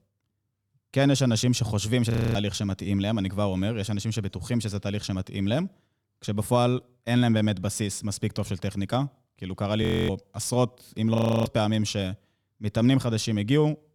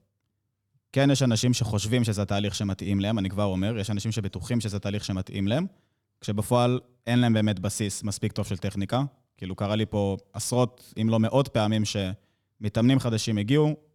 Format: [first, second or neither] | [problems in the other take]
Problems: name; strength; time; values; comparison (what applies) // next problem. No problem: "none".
second | audio freezing; at 2 s, at 10 s and at 11 s